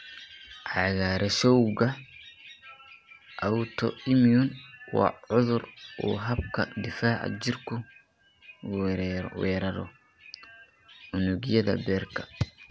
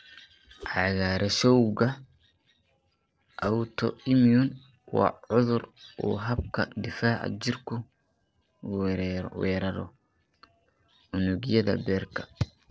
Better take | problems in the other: first | noise reduction (neural separator model SepFormer DNS4)

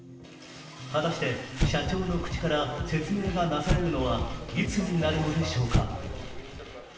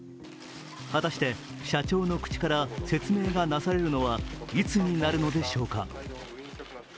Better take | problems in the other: second | background sound (Explosion); 4 dB below the speech // room echo; dies away in 1 s

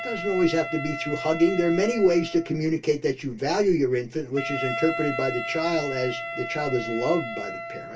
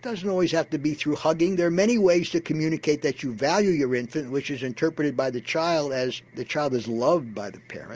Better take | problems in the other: second | background sound (Wind instrument, woodwind instrument); 9 dB below the speech // room echo; dies away in 0.1 s

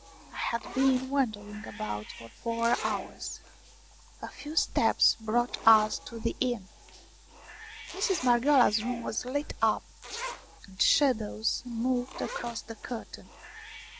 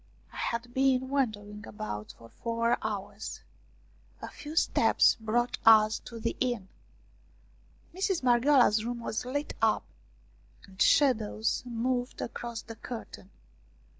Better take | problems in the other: second | background sound (Zipper (clothing) + Bathtub (filling or washing) / Cat); 14 dB below the speech

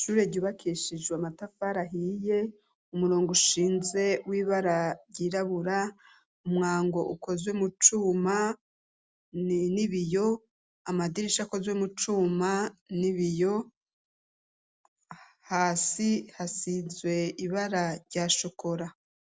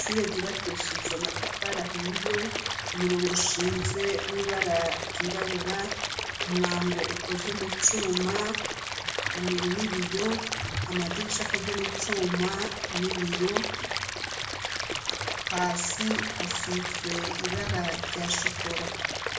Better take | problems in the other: first | background sound (Stream / Liquid); as loud as the speech // room echo; dies away in 0.7 s

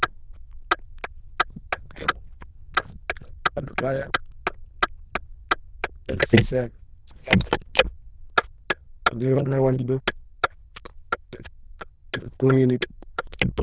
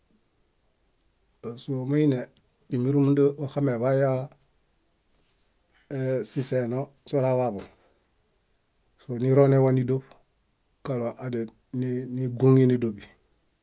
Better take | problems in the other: second | noise reduction (neural diffusion model UNIVERSE++)

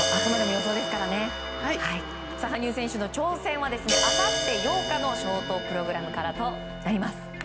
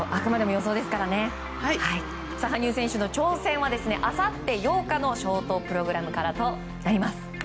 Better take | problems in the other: second | background sound (Crash cymbal); 2 dB below the speech

